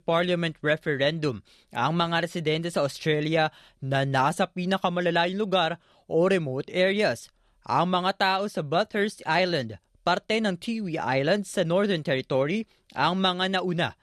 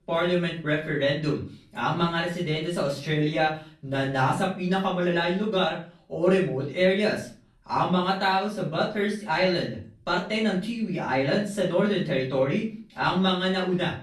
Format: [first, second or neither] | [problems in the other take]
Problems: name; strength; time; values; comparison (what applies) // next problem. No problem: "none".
first | off-mic speech; far // room echo; slight; dies away in 0.4 s